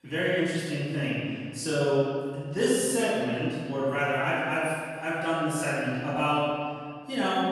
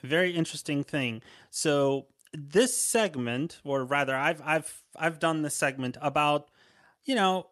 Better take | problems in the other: second | off-mic speech; far // room echo; strong; dies away in 1.9 s

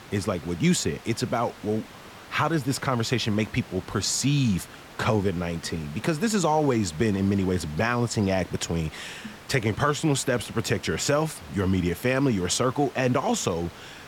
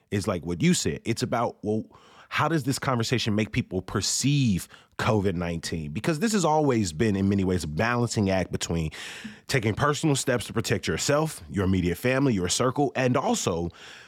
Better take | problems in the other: second | hiss; noticeable; throughout; 20 dB below the speech

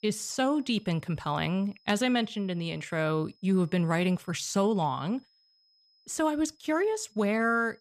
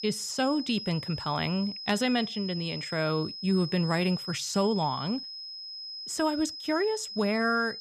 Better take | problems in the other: first | high-pitched whine; loud; throughout; 5 kHz, 8 dB below the speech; faint in the first

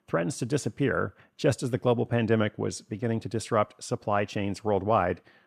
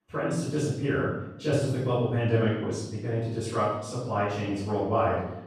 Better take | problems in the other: first | off-mic speech; far // room echo; strong; dies away in 0.8 s

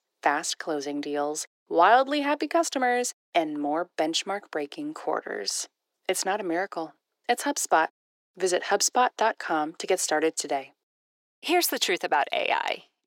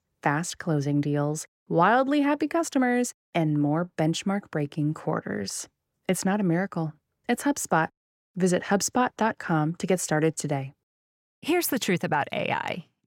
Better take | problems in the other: second | thin; somewhat; fading below 350 Hz

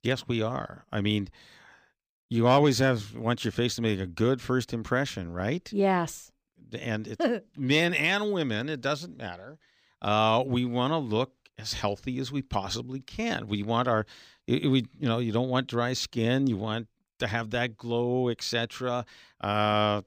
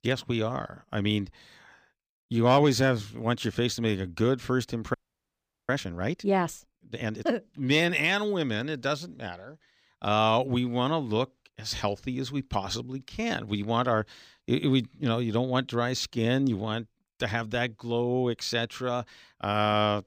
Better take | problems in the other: first | audio freezing; at 5 s for 1 s

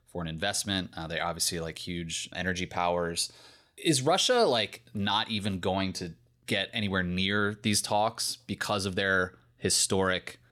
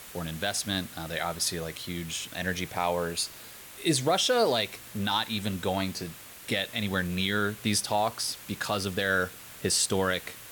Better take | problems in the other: first | hiss; noticeable; throughout; 15 dB below the speech

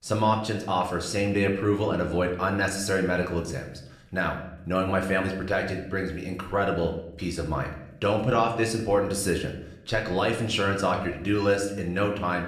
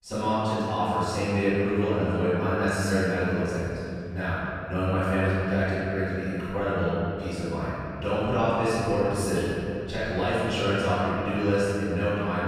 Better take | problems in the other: first | room echo; strong; dies away in 2.9 s; slight in the first // off-mic speech; far; somewhat distant in the first

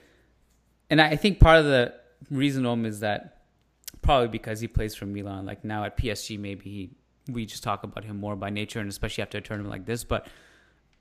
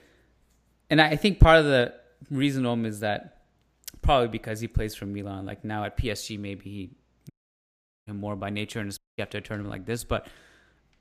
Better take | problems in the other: first | audio cutting out; at 7.5 s for 1 s and at 9 s

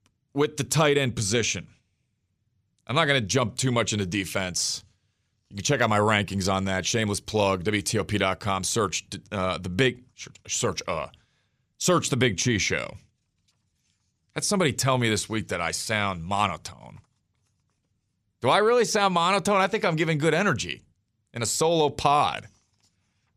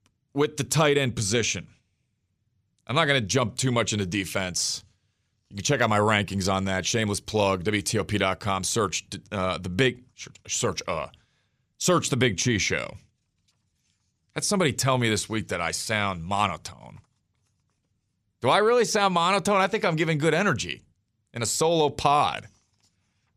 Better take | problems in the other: neither | none

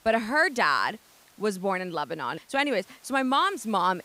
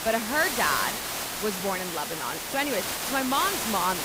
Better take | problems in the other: first | hiss; loud; throughout; 1 dB below the speech; faint in the first

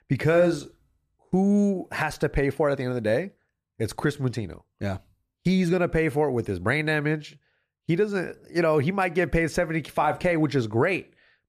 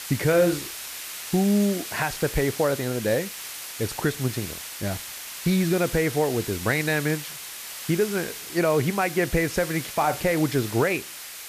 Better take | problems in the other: first | hiss; loud; throughout; 9 dB below the speech

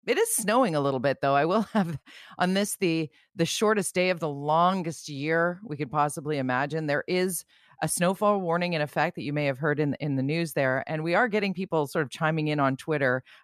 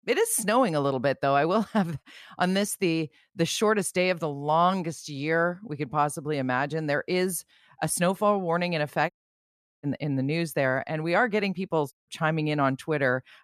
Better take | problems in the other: first | audio cutting out; at 9 s for 0.5 s and at 12 s

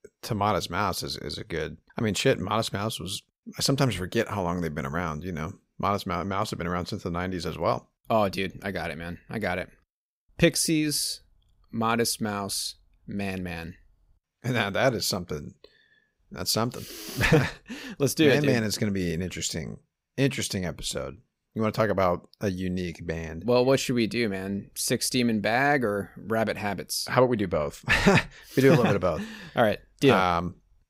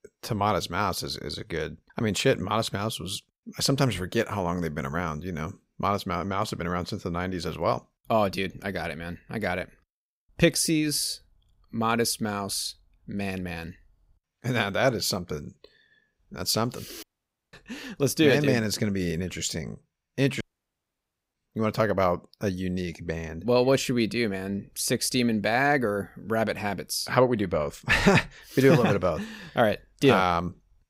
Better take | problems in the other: first | audio cutting out; at 17 s for 0.5 s and at 20 s for 1 s

